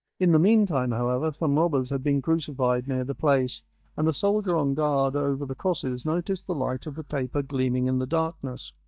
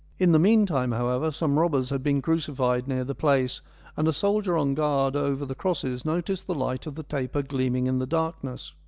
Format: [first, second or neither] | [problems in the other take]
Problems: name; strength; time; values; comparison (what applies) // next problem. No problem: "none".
second | noise reduction (neural mask model DeepFilterNet 3)